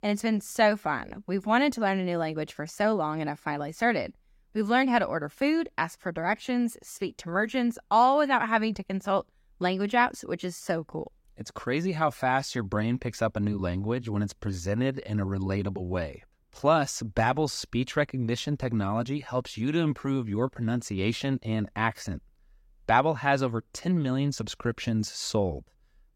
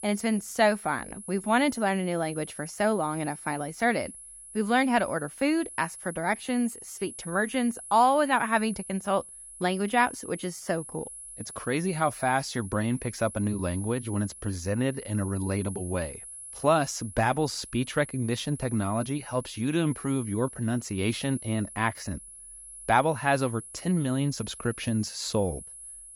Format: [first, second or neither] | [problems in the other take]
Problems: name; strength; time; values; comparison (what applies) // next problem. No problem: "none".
first | high-pitched whine; noticeable; throughout; 10.5 kHz, 15 dB below the speech